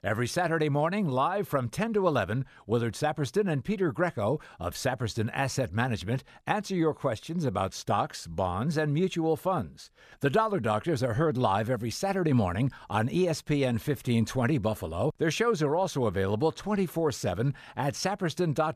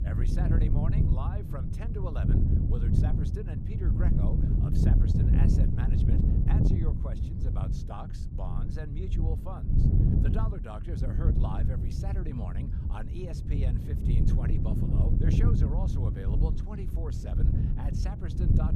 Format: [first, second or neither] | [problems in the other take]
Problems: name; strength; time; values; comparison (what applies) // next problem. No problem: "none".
first | wind noise on the microphone; heavy; 3 dB above the speech